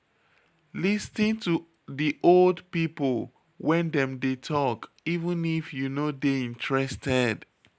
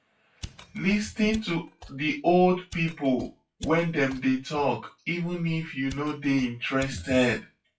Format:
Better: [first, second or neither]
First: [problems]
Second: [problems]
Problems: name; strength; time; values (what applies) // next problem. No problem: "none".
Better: first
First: none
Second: noise reduction (classical method WPE with log-MMSE)